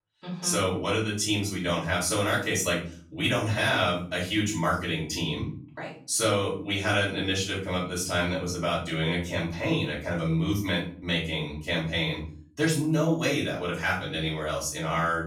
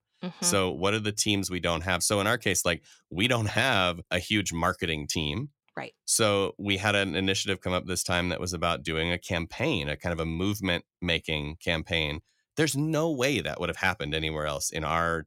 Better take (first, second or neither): second